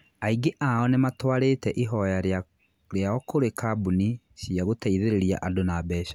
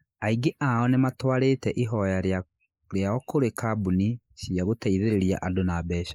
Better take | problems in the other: first | noise reduction (neural mask model Resemble Enhance denoiser)

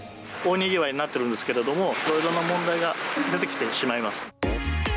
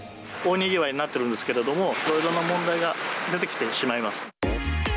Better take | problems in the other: second | background sound (Plucked string instrument); 11 dB below the speech

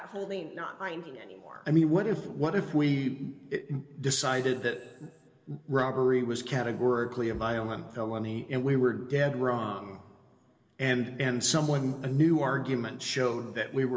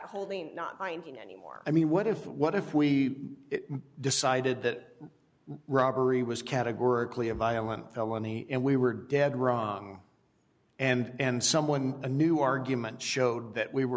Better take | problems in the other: second | room echo; dies away in 1.6 s

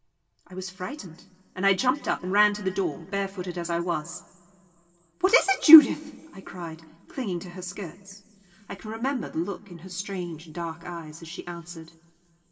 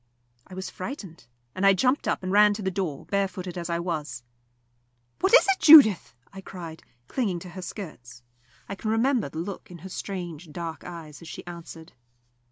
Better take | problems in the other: second | room echo; dies away in 2.9 s

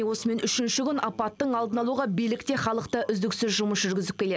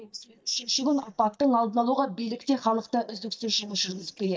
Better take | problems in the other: first | noise reduction (neural mask model DeepFilterNet 3)

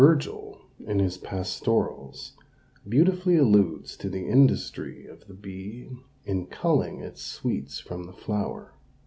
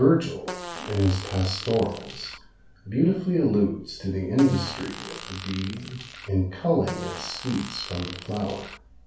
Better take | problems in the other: first | background sound (Fart); 13 dB below the speech // room echo; dies away in 0.3 s

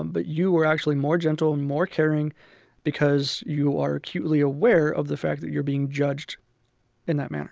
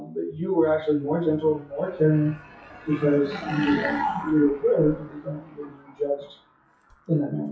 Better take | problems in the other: first | noise reduction (classical method WPE with log-MMSE)

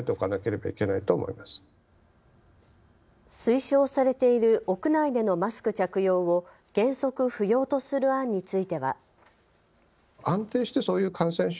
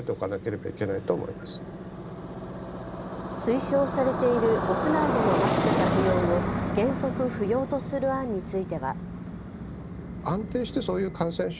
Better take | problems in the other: first | background sound (Motorcycle); 1 dB below the speech

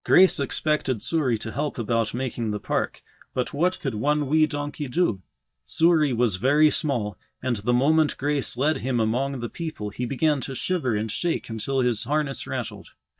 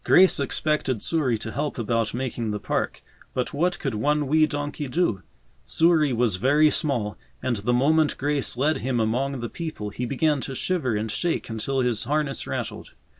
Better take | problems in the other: second | noise reduction (neural mask model DeepFilterNet 3)

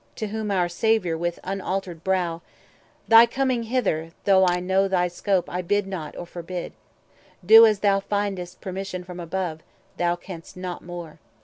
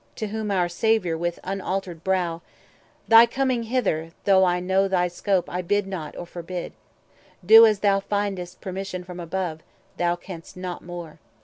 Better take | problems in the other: second | background sound (Crushing); 17 dB below the speech

